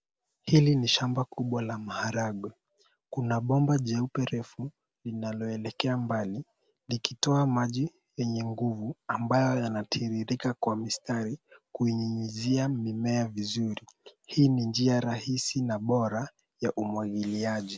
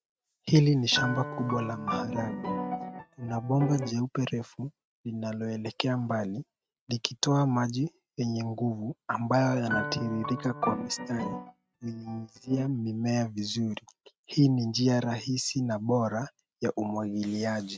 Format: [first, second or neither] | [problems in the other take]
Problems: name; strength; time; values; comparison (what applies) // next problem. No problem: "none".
first | noise reduction (neural mask model RNNoise)